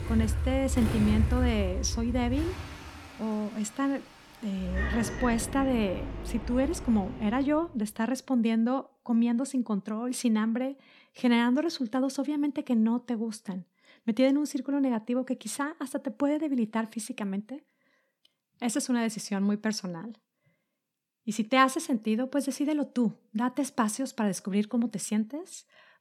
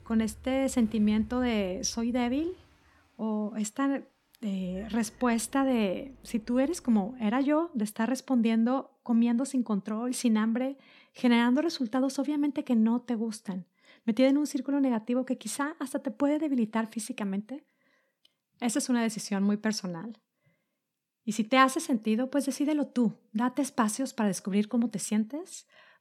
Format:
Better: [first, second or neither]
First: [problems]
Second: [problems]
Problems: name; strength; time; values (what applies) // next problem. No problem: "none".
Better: second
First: traffic noise; loud; until 7.5 s; 5 dB below the speech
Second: traffic noise; faint; until 7.5 s; 25 dB below the speech